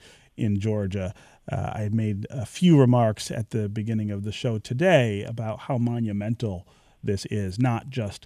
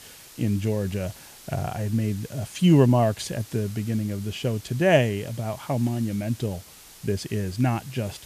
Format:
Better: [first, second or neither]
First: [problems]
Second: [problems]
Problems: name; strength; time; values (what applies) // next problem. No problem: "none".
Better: first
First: none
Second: hiss; noticeable; throughout; 20 dB below the speech